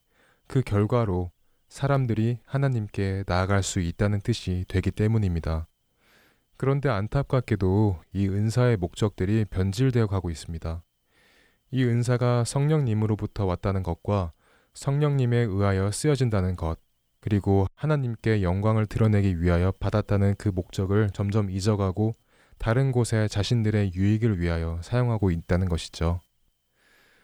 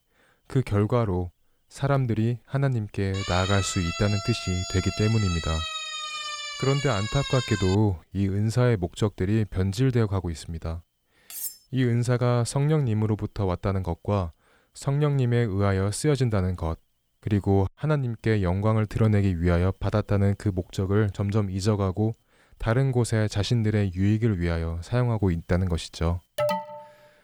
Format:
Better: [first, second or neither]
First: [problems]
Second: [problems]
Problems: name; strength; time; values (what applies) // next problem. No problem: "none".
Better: first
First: none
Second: siren; noticeable; from 3 to 8 s; peak 5 dB below the speech // clattering dishes; noticeable; at 11 s; peak 7 dB below the speech // alarm; noticeable; at 26 s; peak 2 dB below the speech